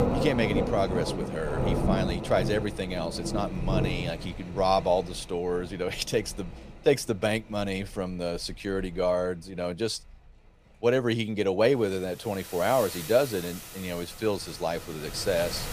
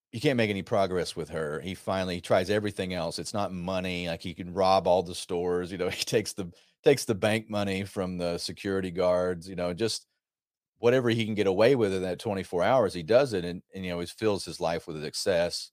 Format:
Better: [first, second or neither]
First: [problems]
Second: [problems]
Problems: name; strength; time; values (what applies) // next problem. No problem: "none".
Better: second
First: rain or running water; loud; throughout; 5 dB below the speech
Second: none